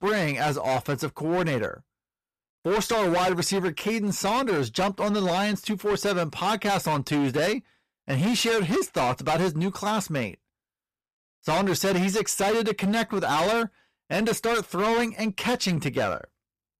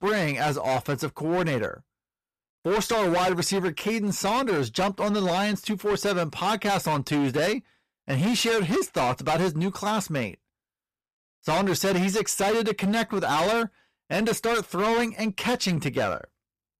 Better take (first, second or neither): neither